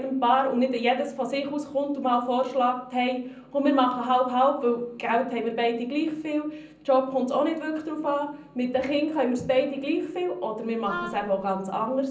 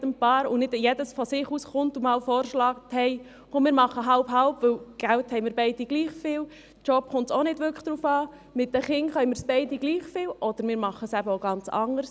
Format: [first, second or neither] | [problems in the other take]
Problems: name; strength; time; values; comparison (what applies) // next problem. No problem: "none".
second | background sound (Wind instrument, woodwind instrument); 11 dB below the speech // room echo; dies away in 0.6 s